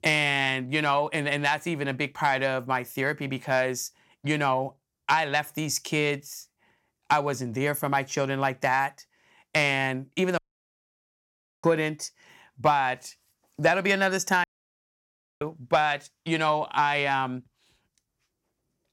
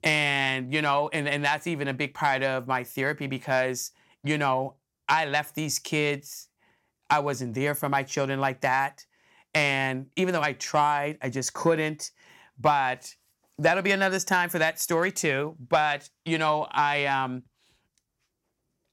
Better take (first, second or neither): second